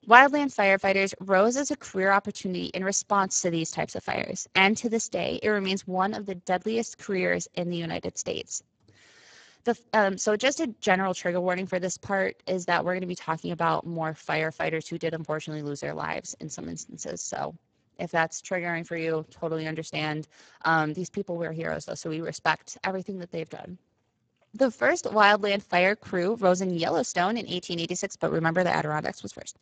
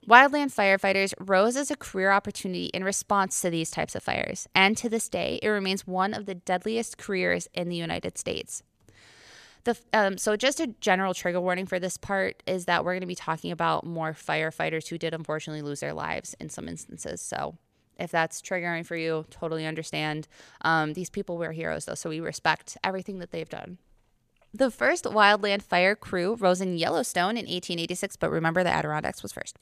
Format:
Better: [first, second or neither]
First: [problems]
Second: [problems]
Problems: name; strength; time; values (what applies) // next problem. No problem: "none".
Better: second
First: garbled, watery; badly; nothing above 7.5 kHz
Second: none